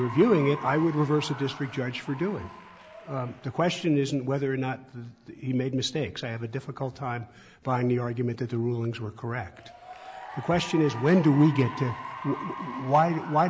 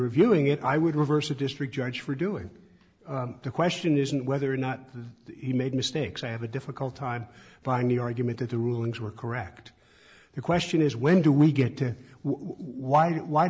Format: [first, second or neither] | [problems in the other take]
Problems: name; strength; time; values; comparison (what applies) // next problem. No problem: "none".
second | background sound (Applause / Cheering); 15 dB below the speech